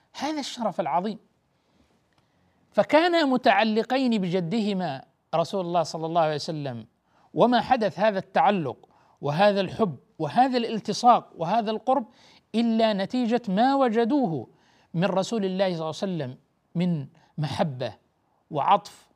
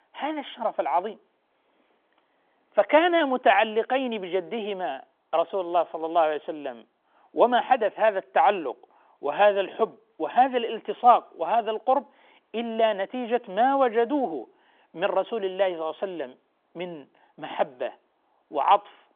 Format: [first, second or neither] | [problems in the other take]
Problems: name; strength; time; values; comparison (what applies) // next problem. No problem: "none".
first | phone-call audio; nothing above 3.5 kHz